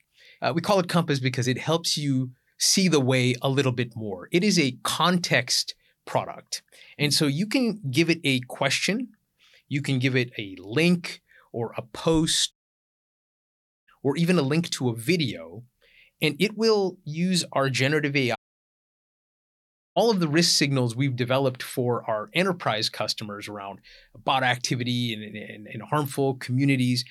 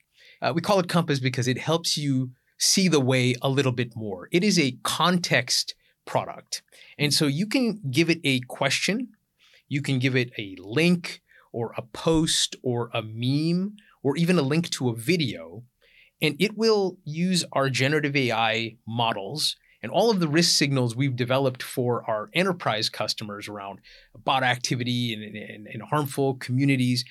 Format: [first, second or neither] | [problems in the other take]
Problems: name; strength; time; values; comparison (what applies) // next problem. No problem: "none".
second | audio cutting out; at 13 s for 1.5 s and at 18 s for 1.5 s